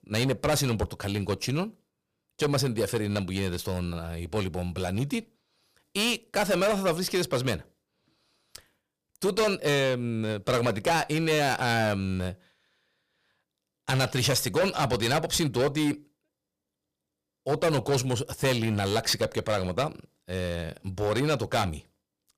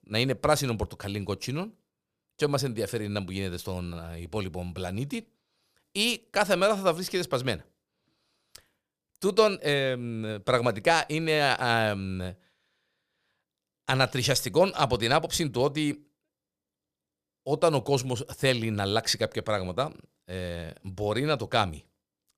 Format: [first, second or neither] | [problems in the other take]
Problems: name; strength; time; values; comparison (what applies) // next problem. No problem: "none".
second | distortion; heavy; 8% of the sound clipped